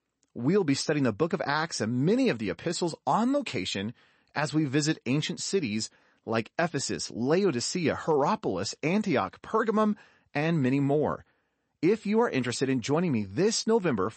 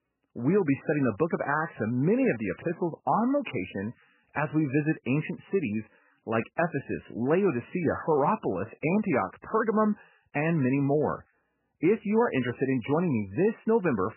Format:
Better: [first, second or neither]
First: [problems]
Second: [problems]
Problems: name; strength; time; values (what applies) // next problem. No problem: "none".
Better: first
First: garbled, watery; slightly; nothing above 8 kHz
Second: garbled, watery; badly; nothing above 2.5 kHz